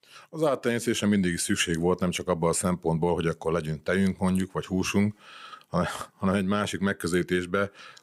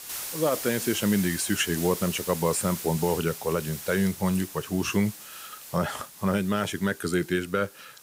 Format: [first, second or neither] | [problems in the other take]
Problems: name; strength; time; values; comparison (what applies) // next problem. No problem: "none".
first | hiss; loud; throughout; 9 dB below the speech